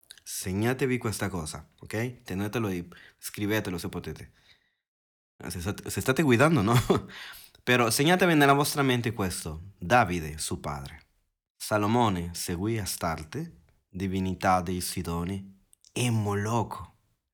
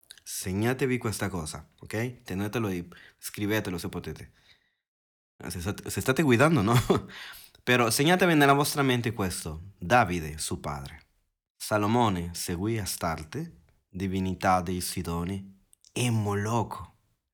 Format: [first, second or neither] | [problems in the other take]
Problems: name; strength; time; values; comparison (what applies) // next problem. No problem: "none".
neither | none